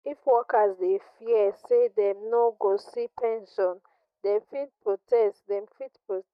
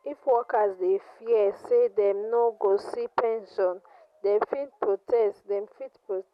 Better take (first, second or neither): second